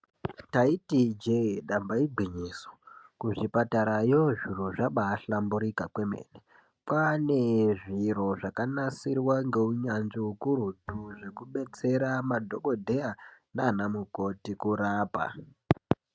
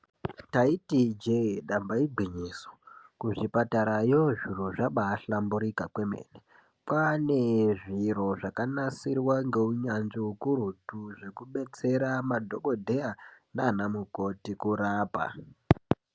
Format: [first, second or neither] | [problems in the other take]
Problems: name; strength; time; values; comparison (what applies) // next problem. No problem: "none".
second | noise reduction (neural mask model RNNoise)